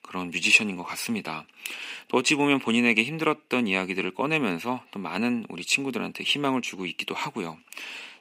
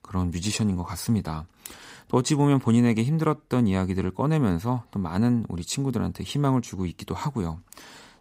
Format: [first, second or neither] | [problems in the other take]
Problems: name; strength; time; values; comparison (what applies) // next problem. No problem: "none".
second | thin; very slightly; fading below 250 Hz